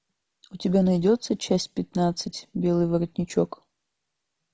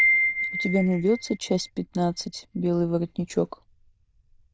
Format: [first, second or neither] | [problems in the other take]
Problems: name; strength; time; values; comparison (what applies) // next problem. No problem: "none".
first | noise reduction (neural diffusion model UNIVERSE++)